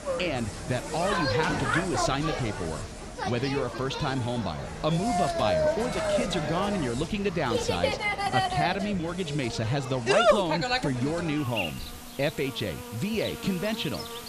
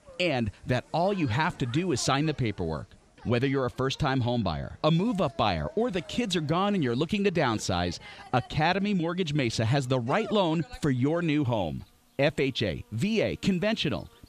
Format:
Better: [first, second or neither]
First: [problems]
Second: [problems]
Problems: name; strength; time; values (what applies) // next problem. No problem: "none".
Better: second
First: animal sounds; loud; throughout; as loud as the speech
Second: animal sounds; faint; throughout; 25 dB below the speech